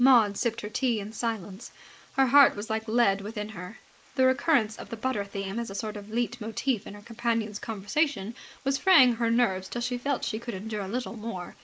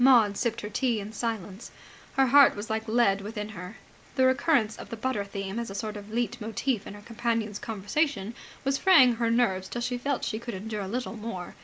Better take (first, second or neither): second